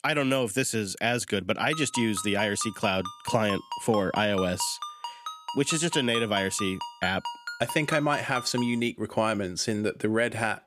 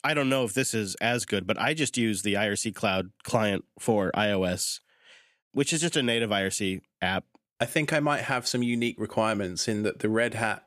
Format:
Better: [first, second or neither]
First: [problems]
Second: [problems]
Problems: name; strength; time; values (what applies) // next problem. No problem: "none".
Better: second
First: phone ringing; noticeable; from 1.5 to 9 s; peak 9 dB below the speech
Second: none